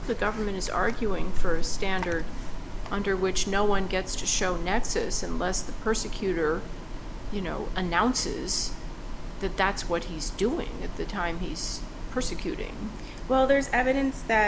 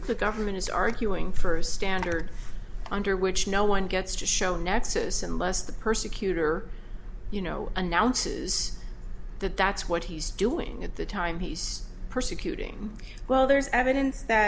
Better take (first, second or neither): second